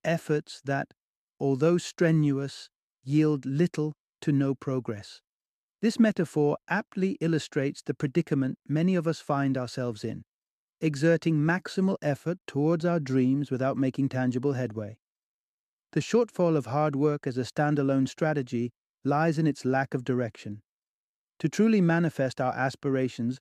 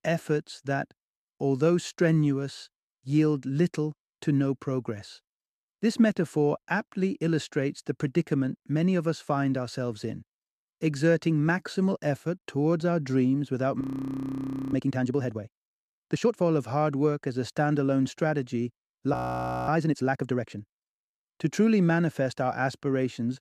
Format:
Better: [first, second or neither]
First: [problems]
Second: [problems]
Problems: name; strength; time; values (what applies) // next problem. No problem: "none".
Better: first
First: none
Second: audio freezing; at 14 s for 1 s and at 19 s for 0.5 s